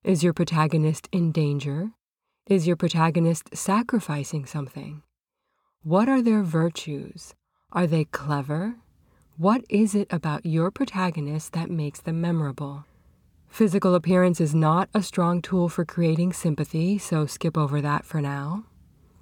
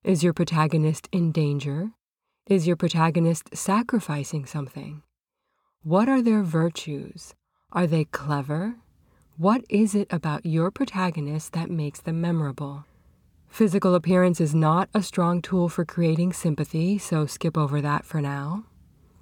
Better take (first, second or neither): neither